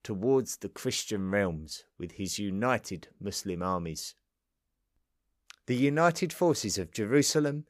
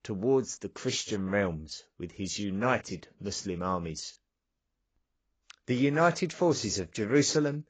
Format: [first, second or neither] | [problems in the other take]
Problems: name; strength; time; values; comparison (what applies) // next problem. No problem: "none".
first | garbled, watery; badly; nothing above 7.5 kHz